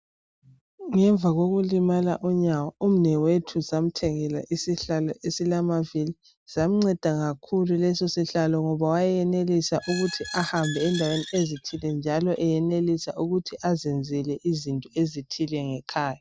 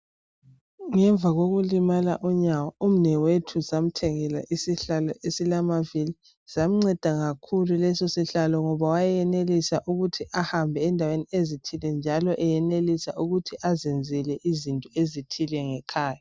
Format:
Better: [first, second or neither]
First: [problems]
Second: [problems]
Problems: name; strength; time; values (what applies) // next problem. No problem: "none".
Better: second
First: background sound (Squeak); 14 dB below the speech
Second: none